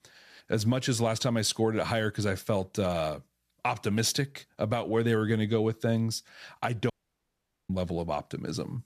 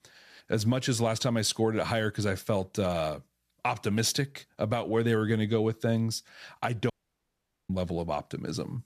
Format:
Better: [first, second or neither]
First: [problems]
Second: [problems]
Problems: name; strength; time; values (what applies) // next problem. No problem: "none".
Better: neither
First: audio cutting out; at 7 s for 1 s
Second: audio cutting out; at 7 s for 1 s